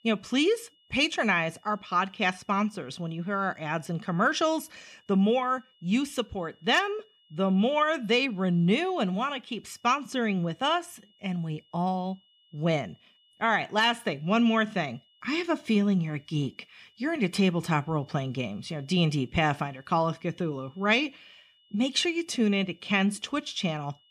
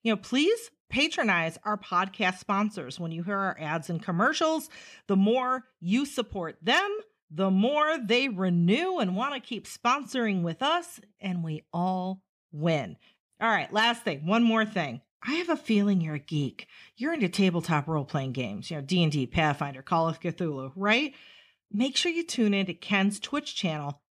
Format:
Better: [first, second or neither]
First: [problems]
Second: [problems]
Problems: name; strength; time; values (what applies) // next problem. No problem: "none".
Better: second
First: high-pitched whine; faint; throughout; 3 kHz, 35 dB below the speech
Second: none